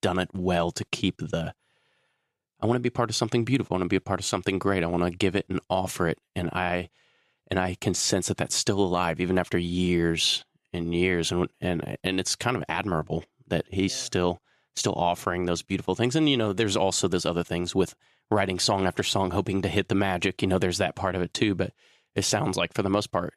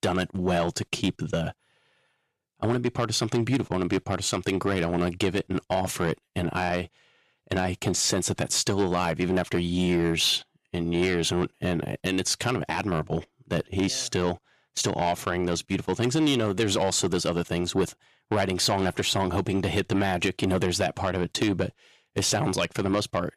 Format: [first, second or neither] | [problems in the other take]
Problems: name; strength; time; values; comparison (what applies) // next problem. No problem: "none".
first | distortion; slight; 10 dB below the speech